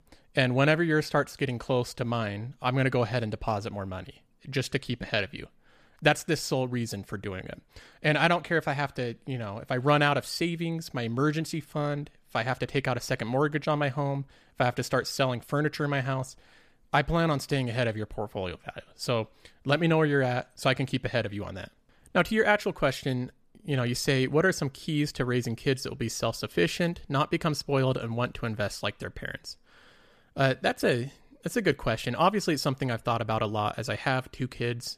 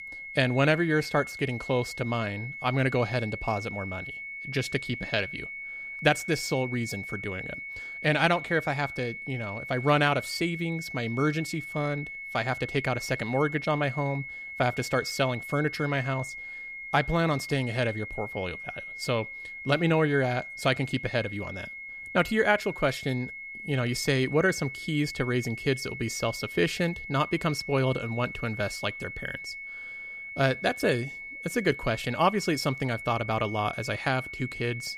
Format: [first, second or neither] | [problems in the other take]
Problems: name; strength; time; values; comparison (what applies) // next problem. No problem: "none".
first | high-pitched whine; loud; throughout; 2 kHz, 9 dB below the speech